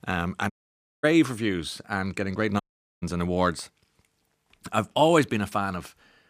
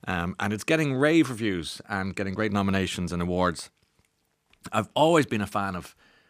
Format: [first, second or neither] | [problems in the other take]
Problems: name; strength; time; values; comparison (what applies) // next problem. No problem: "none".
second | audio cutting out; at 0.5 s for 0.5 s and at 2.5 s